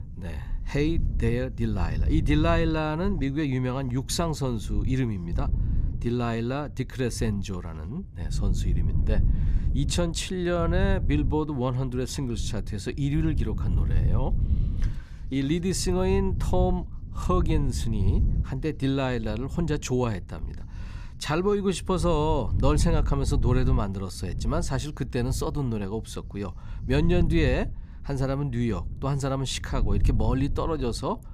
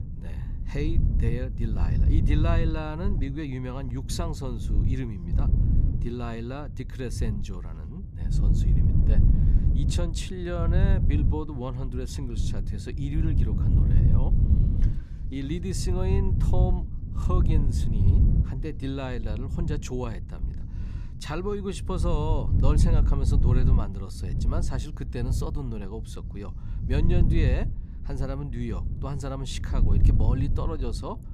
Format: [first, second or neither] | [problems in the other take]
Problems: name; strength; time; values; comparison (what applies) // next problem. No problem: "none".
first | wind noise on the microphone; heavy; 4 dB below the speech; occasional gusts in the first